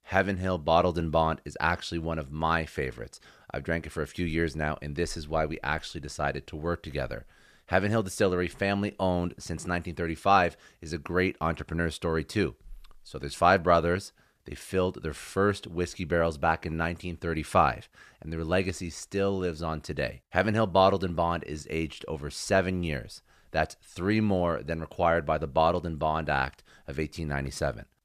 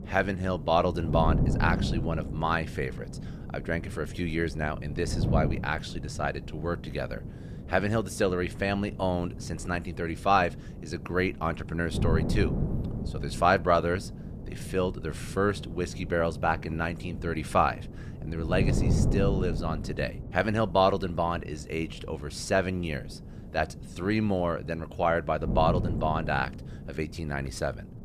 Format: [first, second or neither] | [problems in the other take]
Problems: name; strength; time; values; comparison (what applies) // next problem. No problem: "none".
first | wind noise on the microphone; occasional gusts; 15 dB below the speech